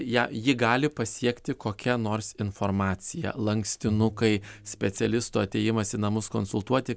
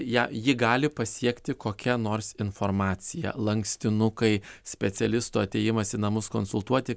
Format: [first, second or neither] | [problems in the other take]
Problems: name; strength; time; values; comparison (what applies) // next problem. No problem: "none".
second | background sound (Bowed string instrument); 15 dB below the speech